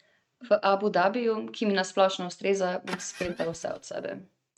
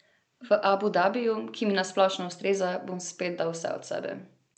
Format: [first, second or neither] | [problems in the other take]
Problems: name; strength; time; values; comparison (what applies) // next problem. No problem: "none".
second | noise reduction (neural mask model RNNoise)